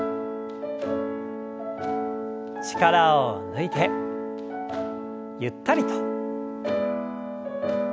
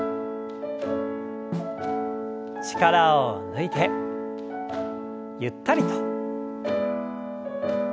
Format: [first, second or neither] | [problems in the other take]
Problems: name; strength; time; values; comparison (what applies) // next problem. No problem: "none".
first | background sound (Snare drum); 11 dB below the speech